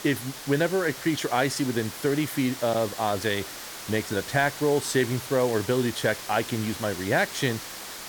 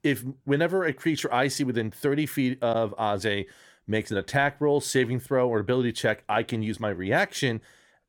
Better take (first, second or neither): second